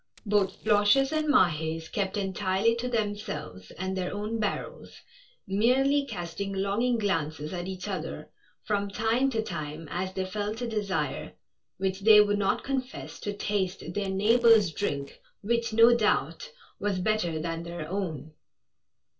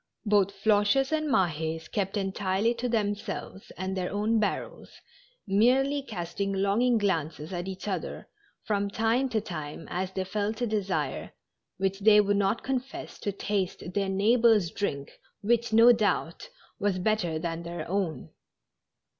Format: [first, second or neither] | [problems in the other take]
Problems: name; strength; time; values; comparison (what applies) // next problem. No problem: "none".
second | noise reduction (neural separator model SepFormer DNS4)